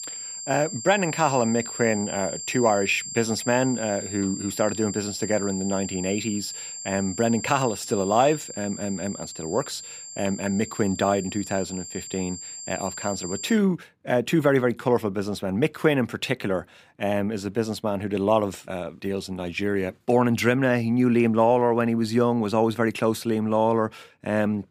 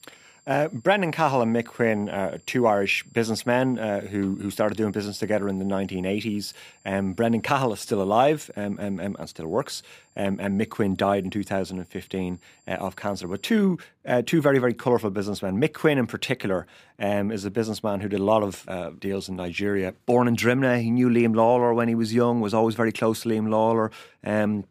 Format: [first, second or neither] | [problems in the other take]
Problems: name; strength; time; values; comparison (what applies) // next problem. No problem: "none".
second | high-pitched whine; loud; until 14 s; 7.5 kHz, 9 dB below the speech; faint in the second